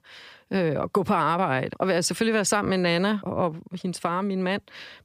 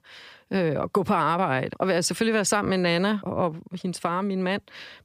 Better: neither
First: none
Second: none

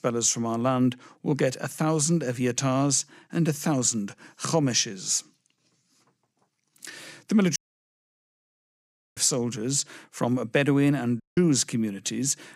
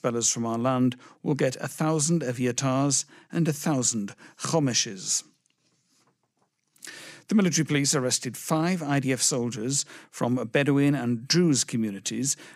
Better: second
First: audio cutting out; at 7.5 s for 1.5 s and at 11 s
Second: none

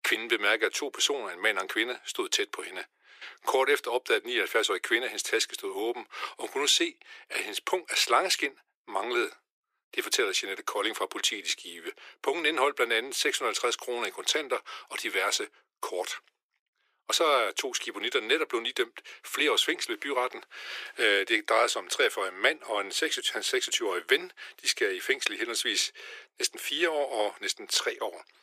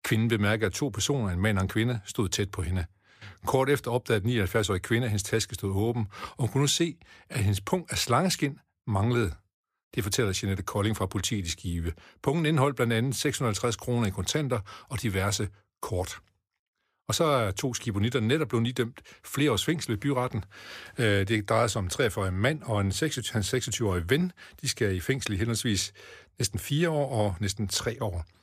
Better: second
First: thin; very; fading below 350 Hz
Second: none

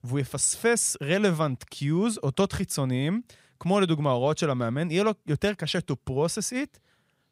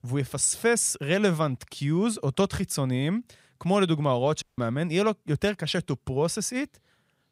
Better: first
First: none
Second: audio cutting out; at 4.5 s

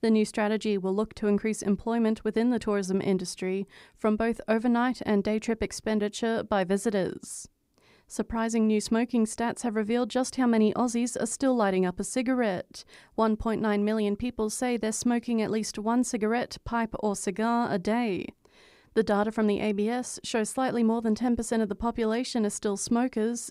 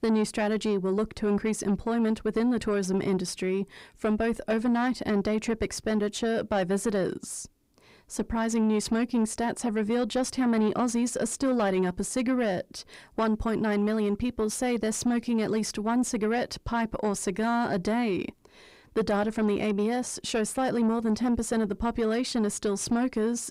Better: first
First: none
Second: distortion; slight; 10 dB below the speech

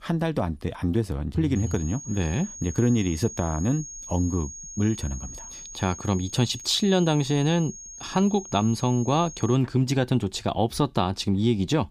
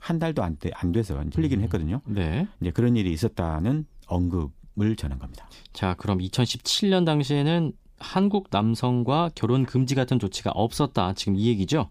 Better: second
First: high-pitched whine; noticeable; from 1.5 to 9.5 s; 6.5 kHz, 15 dB below the speech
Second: none

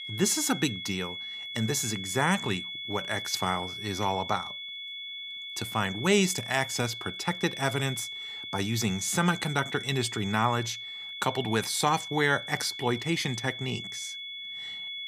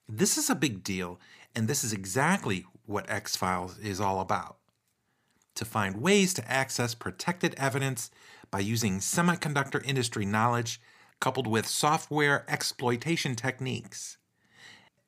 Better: second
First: high-pitched whine; loud; throughout; 3.5 kHz, 7 dB below the speech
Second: none

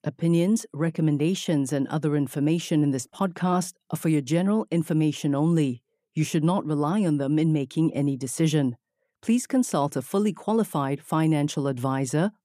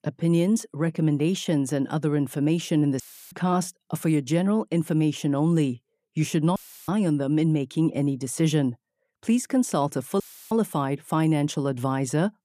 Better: first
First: none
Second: audio cutting out; filled with static; at 3 s, at 6.5 s and at 10 s

